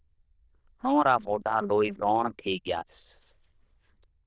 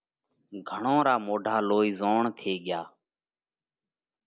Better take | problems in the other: second | noise reduction (neural diffusion model UNIVERSE++)

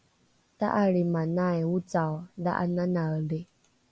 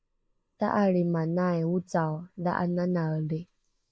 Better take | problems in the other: first | noise reduction (neural mask model Resemble Enhance denoiser)

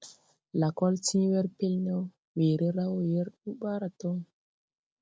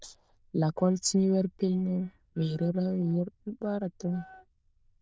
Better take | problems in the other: first | noise reduction (neural diffusion model UNIVERSE++)

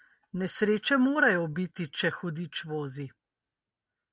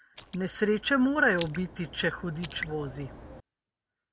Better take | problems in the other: first | background sound (Raindrop); 14 dB below the speech

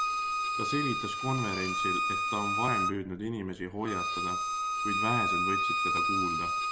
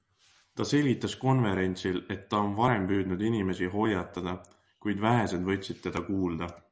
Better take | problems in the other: second | background sound (Bowed string instrument); 5 dB above the speech

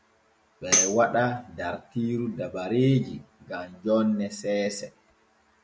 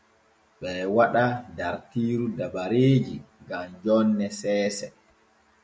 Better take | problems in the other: second | background sound (Tambourine); 1 dB below the speech

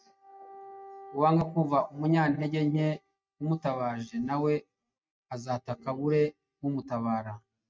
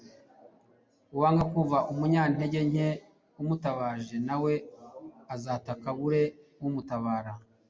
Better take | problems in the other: second | noise reduction (neural mask model RNNoise)

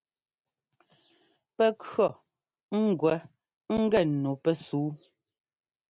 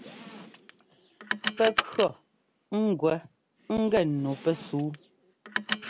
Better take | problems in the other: first | background sound (Car); 8 dB below the speech

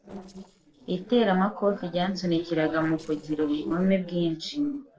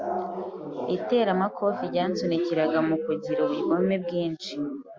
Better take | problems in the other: second | noise reduction (neural separator model SepFormer DNS4)

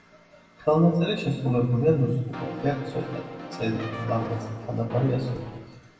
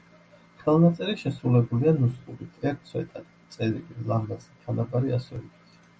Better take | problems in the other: second | background sound (Brass instrument); 11 dB below the speech // room echo; dies away in 1.2 s

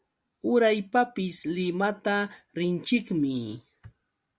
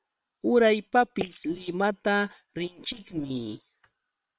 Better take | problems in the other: first | noise reduction (neural separator model SepFormer WHAM!)

